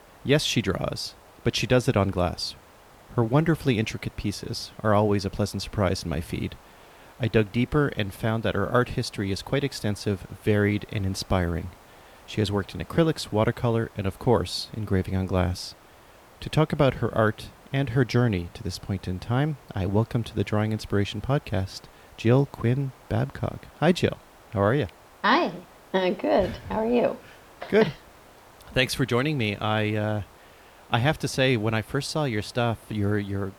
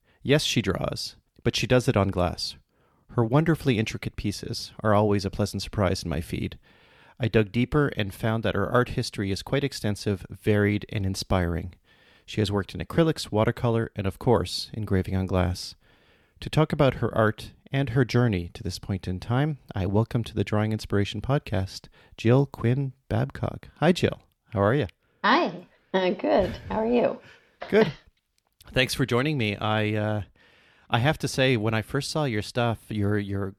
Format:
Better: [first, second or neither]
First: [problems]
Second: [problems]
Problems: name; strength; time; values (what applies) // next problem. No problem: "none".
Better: second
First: hiss; faint; throughout; 25 dB below the speech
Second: none